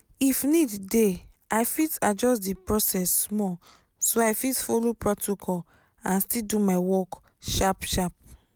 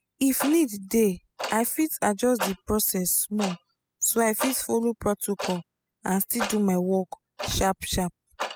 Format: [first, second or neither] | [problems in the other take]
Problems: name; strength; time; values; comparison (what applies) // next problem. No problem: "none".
first | noise reduction (classical method spectral subtraction)